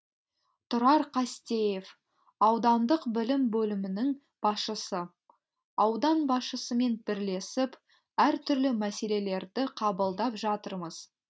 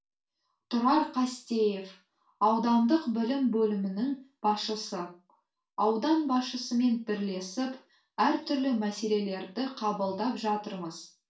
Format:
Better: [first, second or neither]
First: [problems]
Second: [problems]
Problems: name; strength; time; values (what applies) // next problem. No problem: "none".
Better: first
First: none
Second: room echo; dies away in 0.3 s